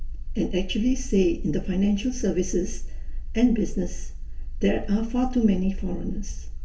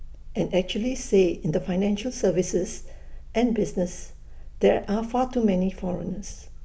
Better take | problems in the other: second | room echo; dies away in 0.2 s

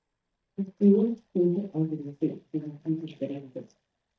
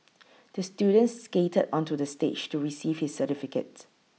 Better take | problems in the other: second | noise reduction (neural mask model DeepFilterNet 3)

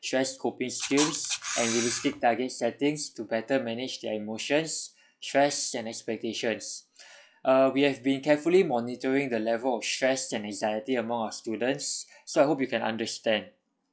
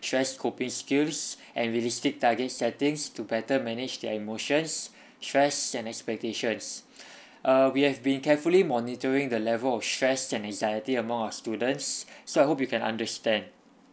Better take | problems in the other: second | noise reduction (classical method log-MMSE)

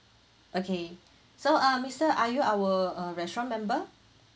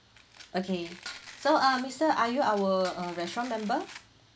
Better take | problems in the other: first | background sound (Domestic sounds, home sounds + Dishes, pots, and pans); 18 dB below the speech

